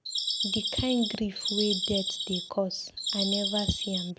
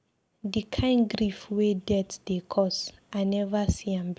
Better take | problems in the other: second | background sound (Bird vocalization, bird call, bird song); as loud as the speech

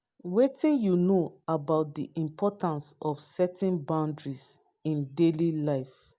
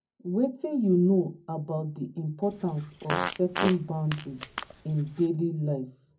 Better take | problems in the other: first | background sound (Fart); 7 dB below the speech // room echo; dies away in 0.3 s

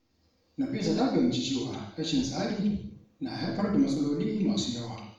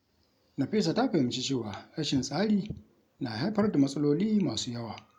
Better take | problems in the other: second | room echo; dies away in 0.6 s

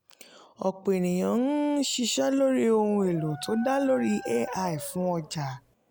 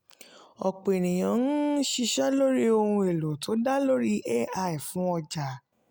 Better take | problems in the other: second | background sound (Dog); 16 dB below the speech

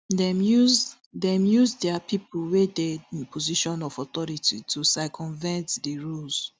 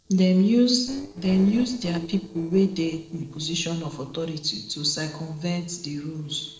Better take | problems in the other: first | noise reduction (neural separator model SepFormer DNS4)

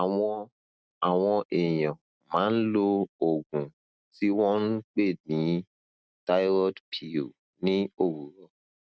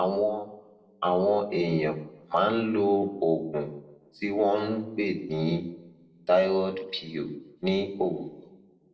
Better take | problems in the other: first | room echo; dies away in 0.6 s

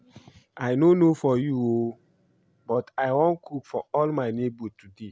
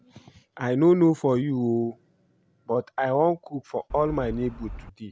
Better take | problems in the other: first | background sound (Wind); 13 dB below the speech

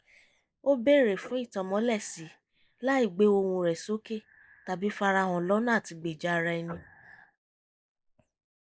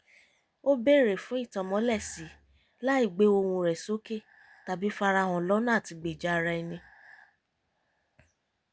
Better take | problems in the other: second | noise reduction (neural mask model Resemble Enhance denoiser)

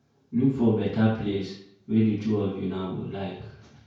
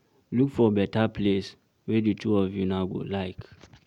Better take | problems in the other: second | room echo; dies away in 0.5 s

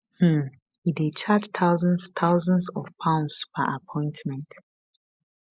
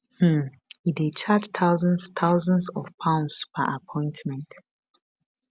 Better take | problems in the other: second | noise reduction (neural mask model Resemble Enhance denoiser)

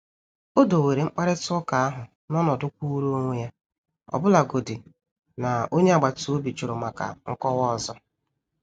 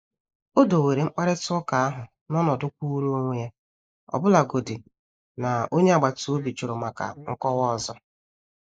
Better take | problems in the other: first | noise reduction (neural mask model Resemble Enhance denoiser)

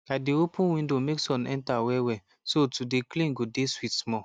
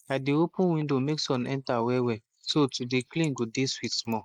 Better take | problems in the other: first | noise reduction (neural mask model Resemble Enhance denoiser)

